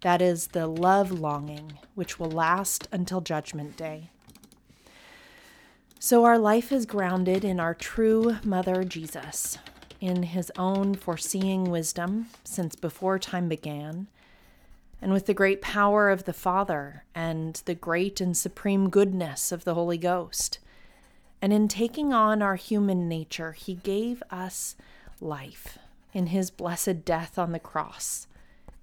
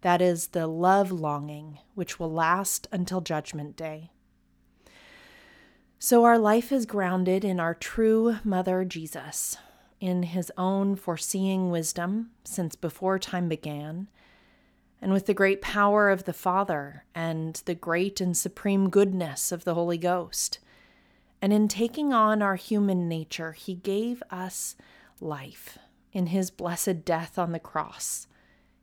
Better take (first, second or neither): second